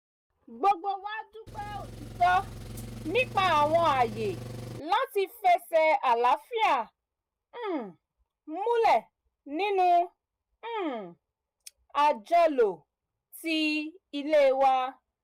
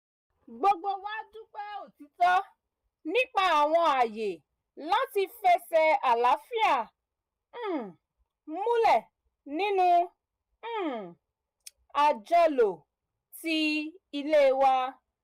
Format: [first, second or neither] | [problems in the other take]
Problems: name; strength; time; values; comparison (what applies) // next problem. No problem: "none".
second | background sound (Engine); 12 dB below the speech